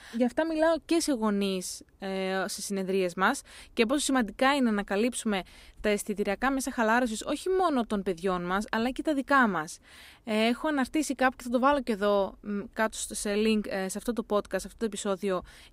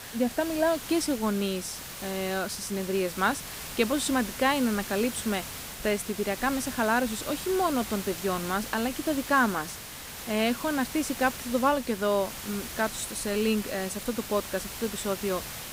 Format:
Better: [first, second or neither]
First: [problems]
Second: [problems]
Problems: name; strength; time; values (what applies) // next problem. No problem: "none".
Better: first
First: none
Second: hiss; loud; throughout; 8 dB below the speech